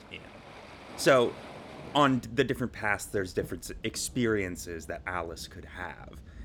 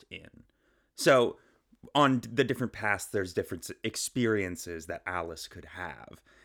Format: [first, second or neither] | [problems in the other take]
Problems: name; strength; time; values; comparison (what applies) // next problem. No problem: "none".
second | rain or running water; noticeable; throughout; 20 dB below the speech